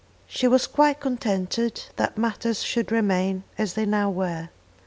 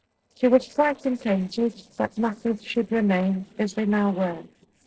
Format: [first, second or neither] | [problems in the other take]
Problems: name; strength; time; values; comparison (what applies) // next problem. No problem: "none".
first | noise reduction (neural separator model SepFormer DNS4)